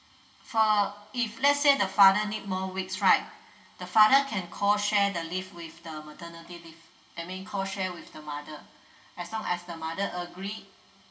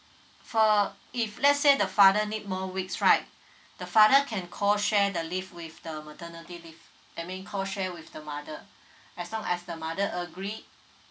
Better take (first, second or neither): second